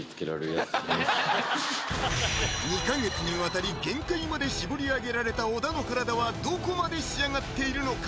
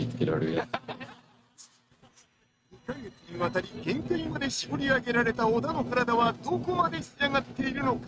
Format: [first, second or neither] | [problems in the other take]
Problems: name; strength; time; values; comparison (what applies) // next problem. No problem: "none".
first | noise reduction (neural mask model RNNoise)